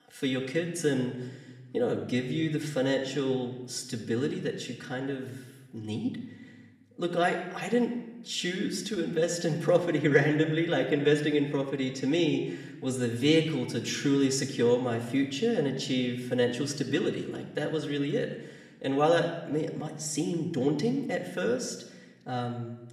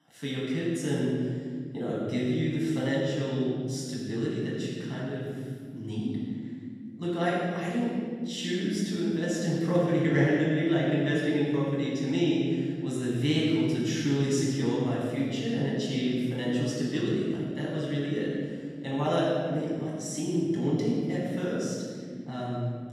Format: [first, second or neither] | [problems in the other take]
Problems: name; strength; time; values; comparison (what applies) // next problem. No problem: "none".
first | room echo; strong; dies away in 2.4 s; slight in the first // off-mic speech; far; far in the first